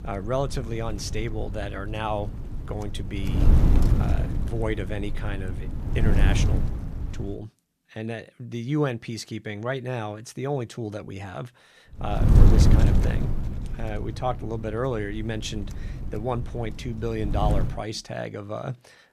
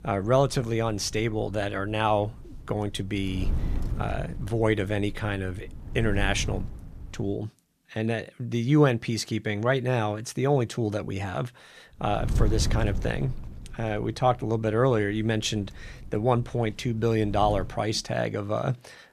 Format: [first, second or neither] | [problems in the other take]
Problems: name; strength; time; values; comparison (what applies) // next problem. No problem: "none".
second | wind noise on the microphone; heavy; until 7.5 s and from 12 to 18 s; 5 dB below the speech; occasional gusts in the second